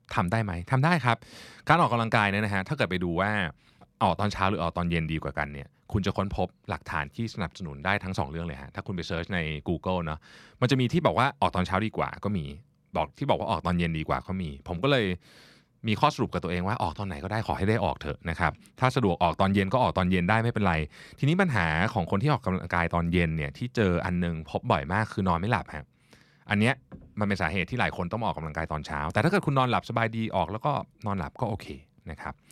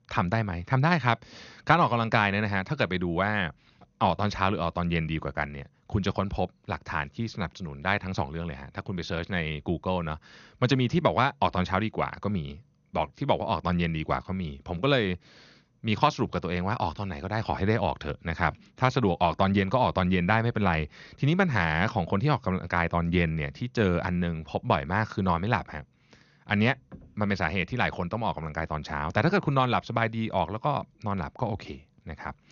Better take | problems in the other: first | garbled, watery; slightly; nothing above 6.5 kHz

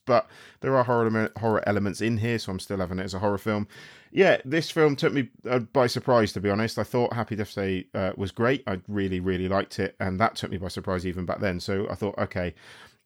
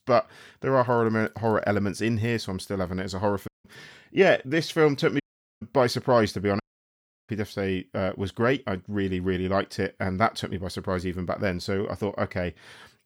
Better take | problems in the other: first | audio cutting out; at 3.5 s, at 5 s and at 6.5 s for 0.5 s

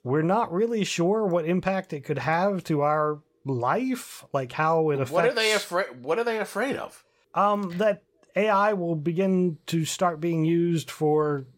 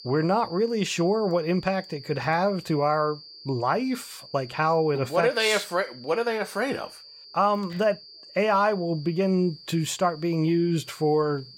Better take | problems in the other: first | high-pitched whine; noticeable; throughout; 4.5 kHz, 20 dB below the speech

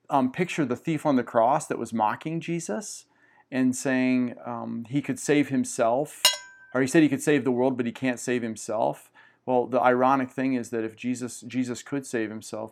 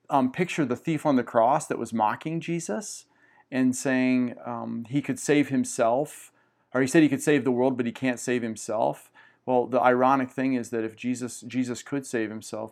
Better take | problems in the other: second | clattering dishes; loud; at 6 s; peak 4 dB above the speech

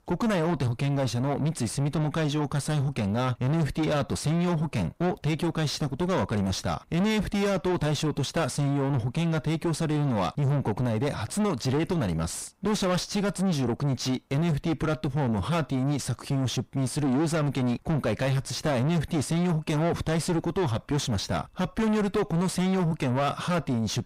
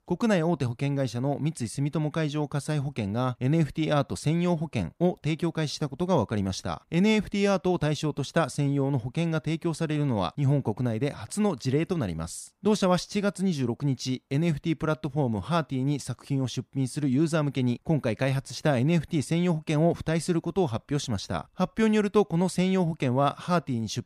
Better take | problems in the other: second | distortion; heavy; 5 dB below the speech

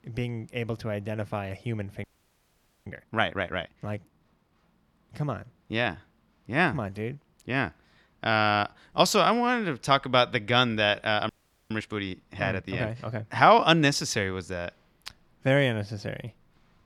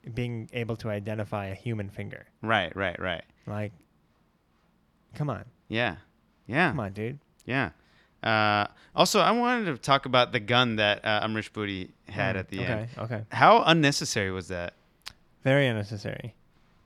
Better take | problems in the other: second | audio freezing; at 2 s for 1 s and at 11 s

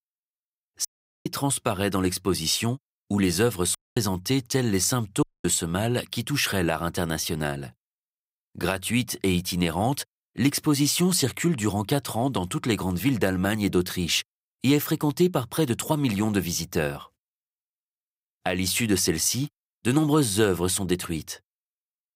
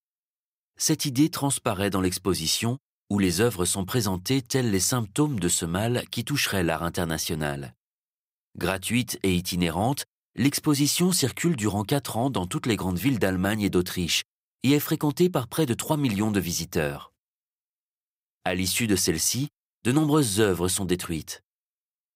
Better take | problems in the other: second | audio cutting out; at 1 s, at 4 s and at 5 s

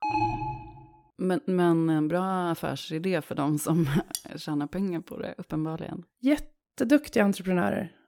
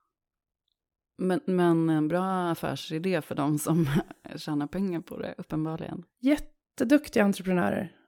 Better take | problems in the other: second | alarm; loud; at the start; peak level with the speech // clattering dishes; noticeable; at 4 s; peak 9 dB below the speech

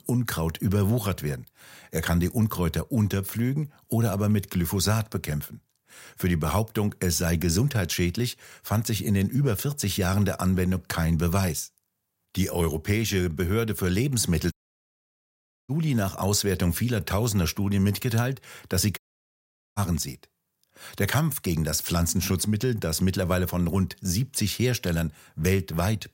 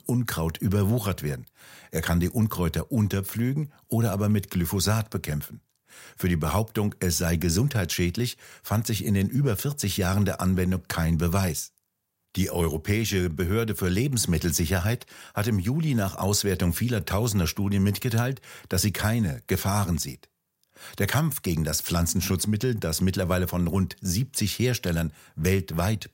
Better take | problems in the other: second | audio cutting out; at 15 s for 1 s and at 19 s for 1 s

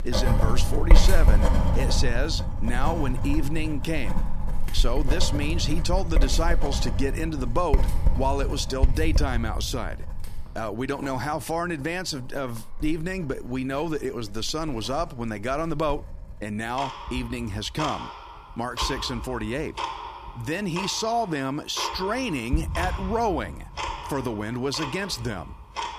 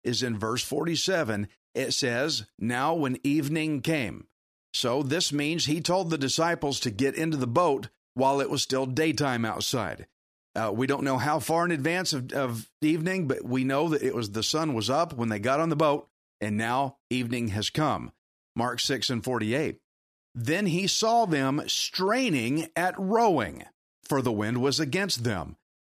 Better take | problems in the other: second | household noises; very loud; throughout; as loud as the speech

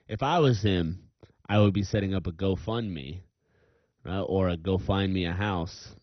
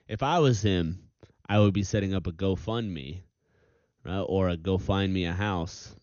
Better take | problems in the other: second | garbled, watery; badly; nothing above 6 kHz; slightly in the second

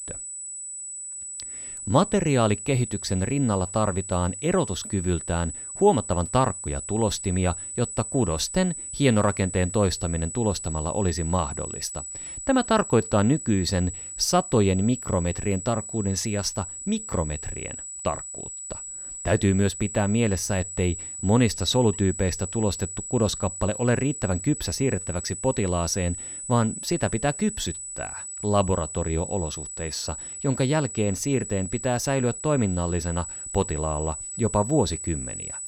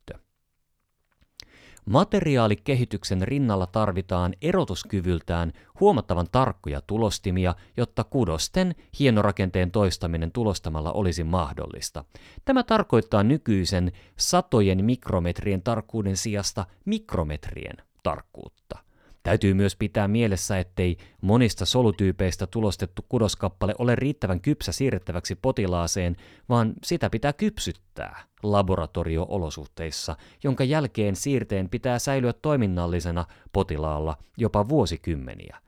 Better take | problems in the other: second | high-pitched whine; loud; throughout; 8 kHz, 8 dB below the speech

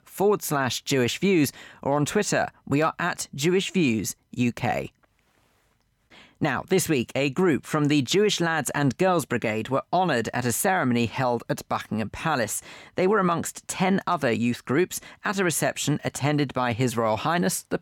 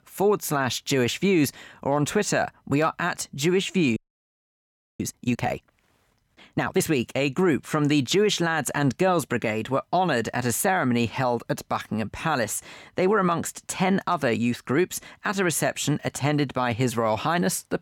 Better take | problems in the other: first | audio freezing; at 4 s for 1 s

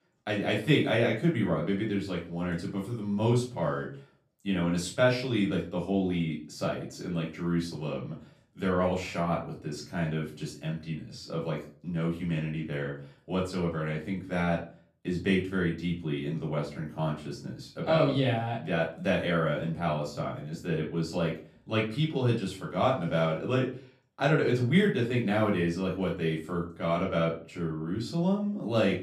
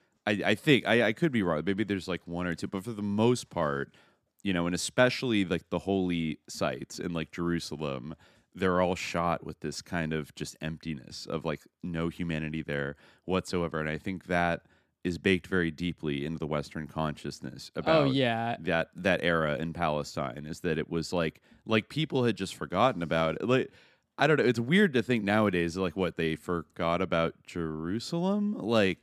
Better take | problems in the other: second | room echo; slight; dies away in 0.3 s // off-mic speech; far

